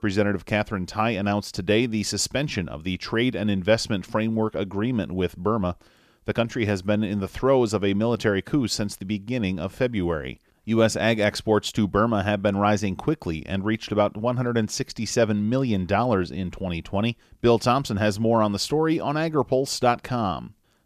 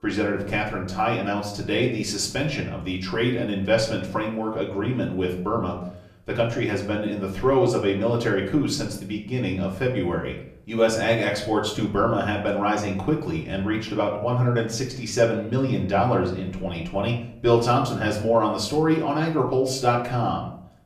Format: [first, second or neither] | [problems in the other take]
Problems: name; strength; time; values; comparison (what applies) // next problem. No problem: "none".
first | off-mic speech; far // room echo; slight; dies away in 0.5 s